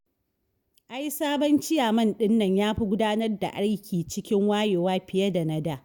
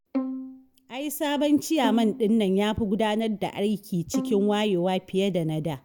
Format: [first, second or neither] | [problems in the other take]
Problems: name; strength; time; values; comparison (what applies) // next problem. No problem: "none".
first | background sound (Bowed string instrument); 10 dB below the speech